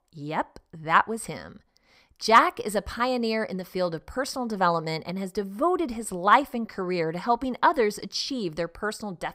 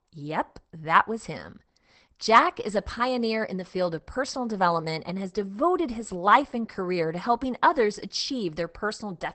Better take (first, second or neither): first